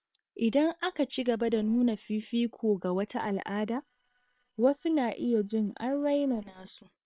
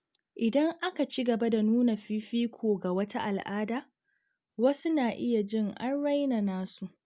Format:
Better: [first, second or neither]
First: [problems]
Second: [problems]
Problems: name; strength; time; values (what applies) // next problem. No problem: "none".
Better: second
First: noise reduction (neural separator model SepFormer WHAM!)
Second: none